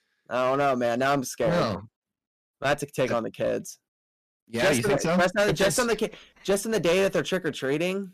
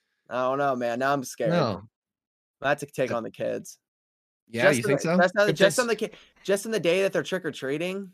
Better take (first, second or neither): second